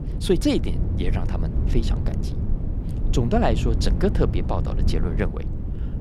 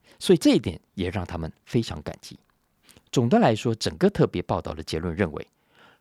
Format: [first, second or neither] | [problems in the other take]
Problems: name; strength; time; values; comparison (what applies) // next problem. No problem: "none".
second | low rumble; noticeable; throughout; 10 dB below the speech